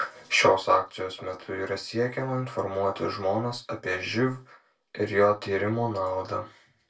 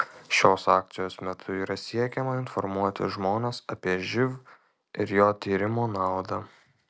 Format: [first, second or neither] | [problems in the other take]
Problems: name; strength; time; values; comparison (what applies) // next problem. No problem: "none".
second | room echo; dies away in 0.2 s